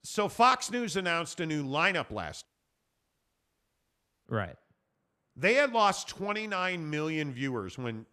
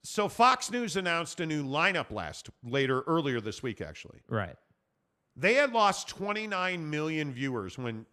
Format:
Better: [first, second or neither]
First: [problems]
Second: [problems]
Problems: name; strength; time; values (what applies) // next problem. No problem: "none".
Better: second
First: audio cutting out; at 2.5 s for 2 s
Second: none